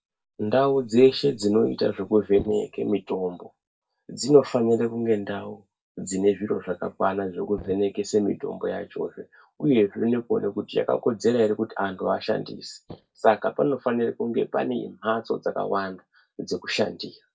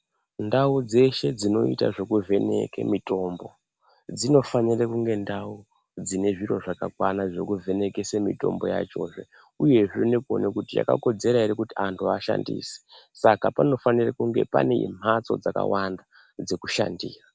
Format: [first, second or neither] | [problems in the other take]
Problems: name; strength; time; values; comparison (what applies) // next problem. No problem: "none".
second | noise reduction (neural mask model DeepFilterNet 3)